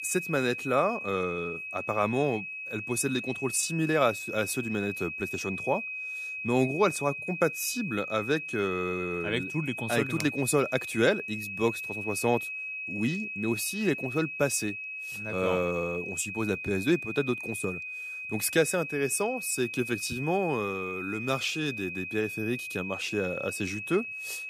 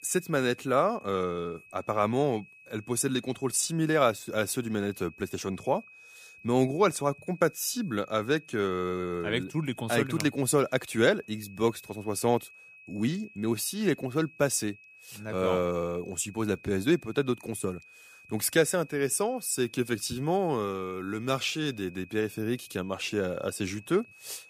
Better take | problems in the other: second | high-pitched whine; loud; throughout; 2.5 kHz, 5 dB below the speech; faint in the second

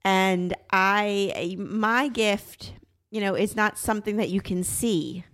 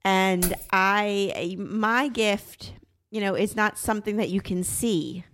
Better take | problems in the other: first | jangling keys; noticeable; at 0.5 s; peak 4 dB below the speech

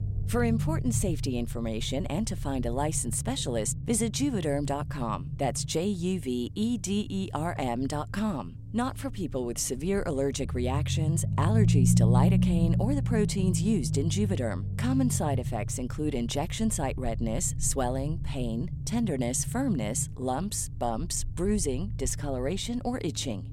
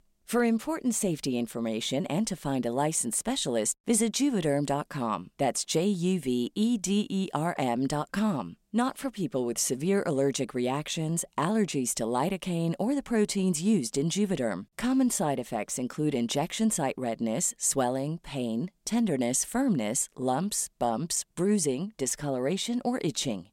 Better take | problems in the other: second | low rumble; loud; throughout; 10 dB below the speech

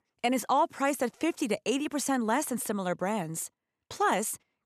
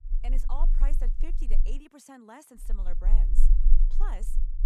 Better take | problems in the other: first | low rumble; loud; until 1.5 s and from 2.5 s on; 10 dB below the speech

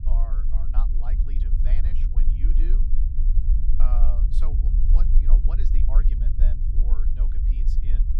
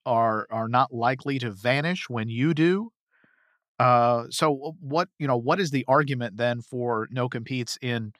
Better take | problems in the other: second | low rumble; loud; throughout; 1 dB below the speech

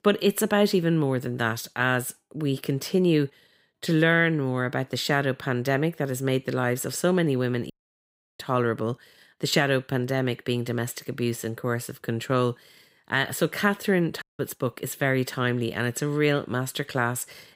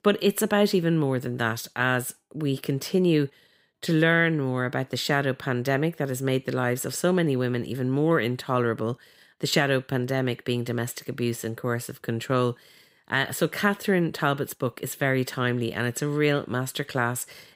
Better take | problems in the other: second | audio cutting out; at 7.5 s for 0.5 s and at 14 s

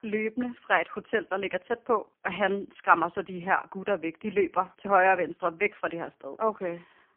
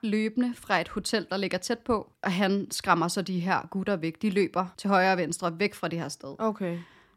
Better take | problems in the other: second | phone-call audio; poor line; nothing above 3 kHz

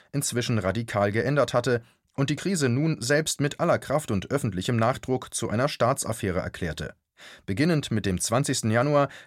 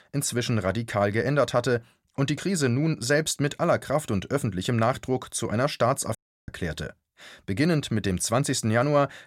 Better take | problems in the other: first | audio cutting out; at 6 s

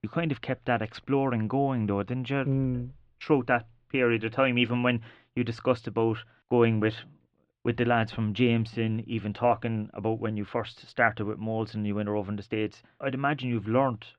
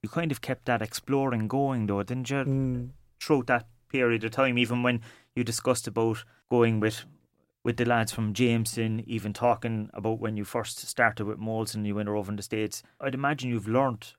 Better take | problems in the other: second | muffled; slightly; fading above 3.5 kHz

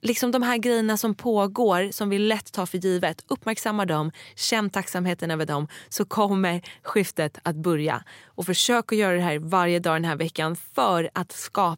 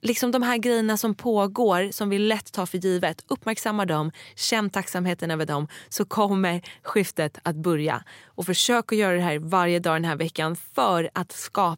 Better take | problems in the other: neither | none

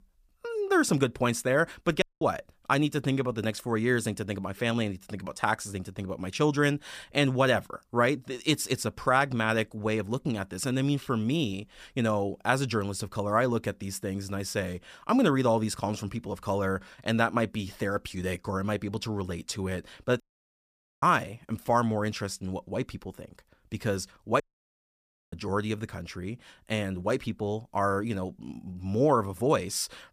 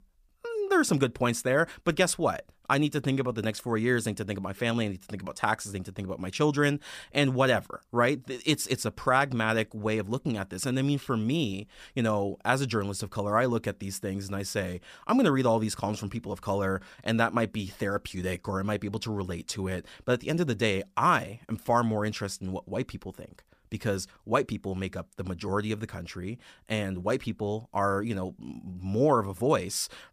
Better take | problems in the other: second | audio cutting out; at 2 s, at 20 s for 1 s and at 24 s for 1 s

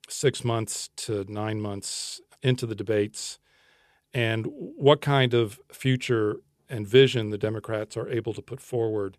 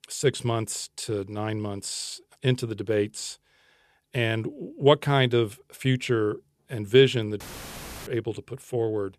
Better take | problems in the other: first | audio cutting out; filled with static; at 7.5 s for 0.5 s

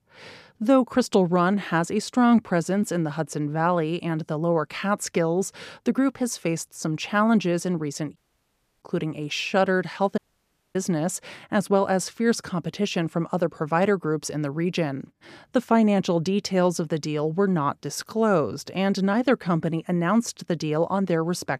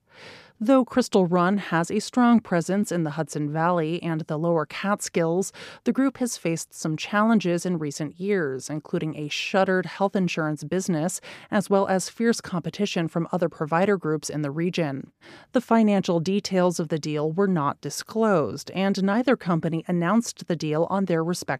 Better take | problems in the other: second | audio cutting out; at 8 s for 0.5 s and at 10 s for 0.5 s

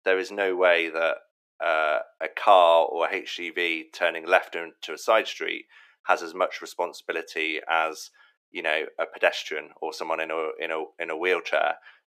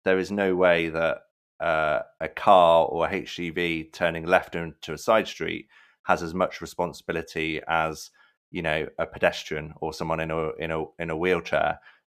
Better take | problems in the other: second | thin; somewhat; fading below 350 Hz

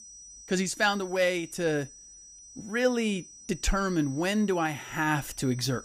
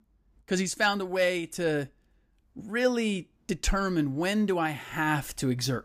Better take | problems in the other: second | high-pitched whine; noticeable; throughout; 6 kHz, 20 dB below the speech

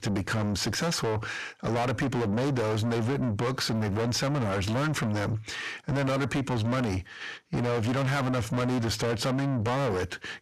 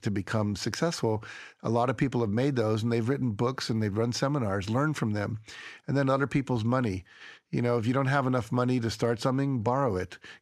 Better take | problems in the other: second | distortion; heavy; 5 dB below the speech

